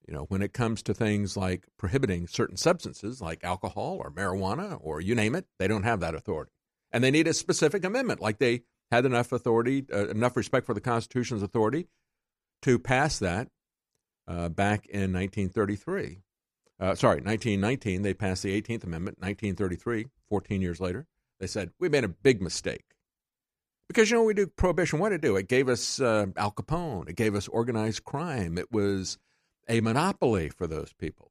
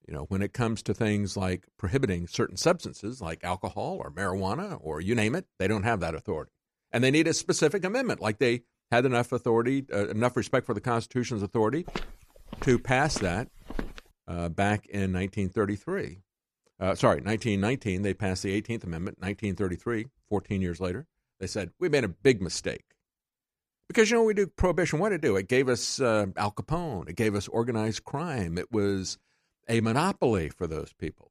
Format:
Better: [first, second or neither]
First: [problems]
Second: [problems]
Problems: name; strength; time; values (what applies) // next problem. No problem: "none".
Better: first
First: none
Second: footsteps; faint; from 12 to 14 s; peak 10 dB below the speech